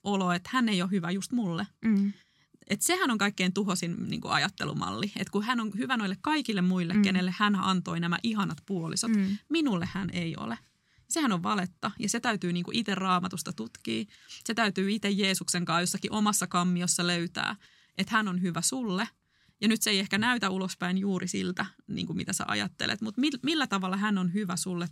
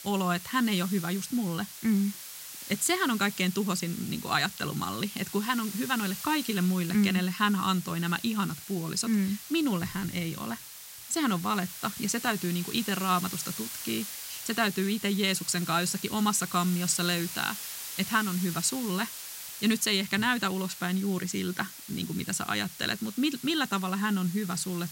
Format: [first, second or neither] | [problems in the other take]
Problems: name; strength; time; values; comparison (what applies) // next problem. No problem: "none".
first | hiss; loud; throughout; 10 dB below the speech